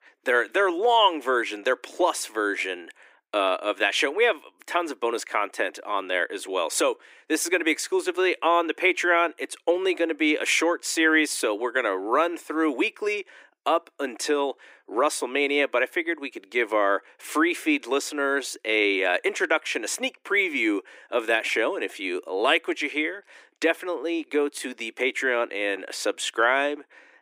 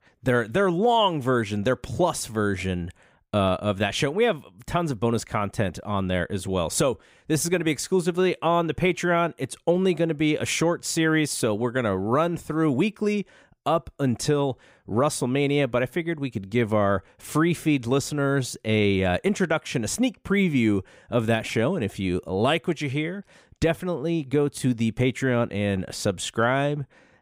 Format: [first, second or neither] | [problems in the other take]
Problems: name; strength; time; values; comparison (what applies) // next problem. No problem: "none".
second | thin; somewhat; fading below 300 Hz